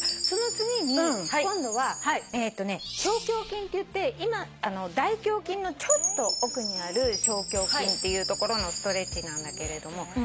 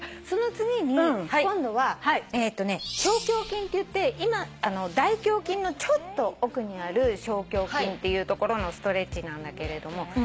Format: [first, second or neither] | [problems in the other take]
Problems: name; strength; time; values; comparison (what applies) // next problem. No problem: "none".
second | background sound (Chime); 3 dB below the speech